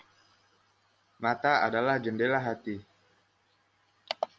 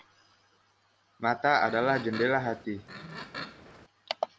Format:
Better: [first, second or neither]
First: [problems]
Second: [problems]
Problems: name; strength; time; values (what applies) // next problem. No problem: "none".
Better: first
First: none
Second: background sound (Livestock, farm animals, working animals); 12 dB below the speech